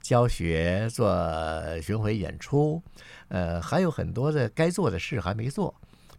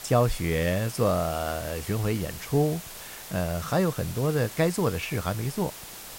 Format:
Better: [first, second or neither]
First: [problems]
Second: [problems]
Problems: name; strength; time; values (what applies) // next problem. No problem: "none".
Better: first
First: none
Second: hiss; noticeable; throughout; 10 dB below the speech